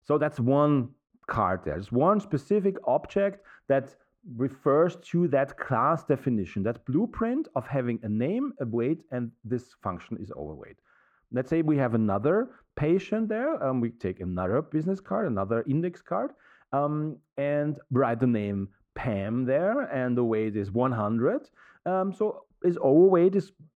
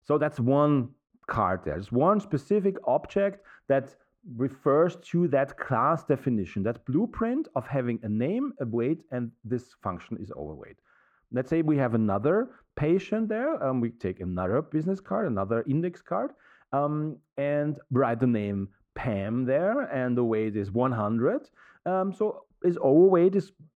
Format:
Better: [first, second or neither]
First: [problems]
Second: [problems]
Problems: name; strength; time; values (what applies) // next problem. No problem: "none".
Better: neither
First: muffled; very; fading above 2.5 kHz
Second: muffled; very; fading above 2.5 kHz